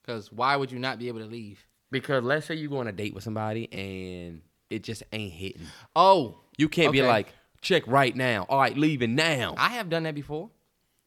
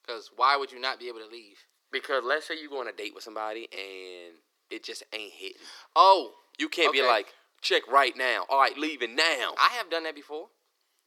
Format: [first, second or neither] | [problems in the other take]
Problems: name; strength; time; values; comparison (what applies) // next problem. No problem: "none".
first | thin; very; fading below 350 Hz